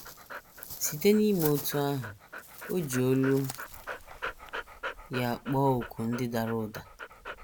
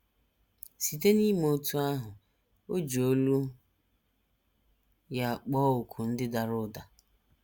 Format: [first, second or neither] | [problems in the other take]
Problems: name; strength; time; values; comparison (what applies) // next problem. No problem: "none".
second | background sound (Dog); 11 dB below the speech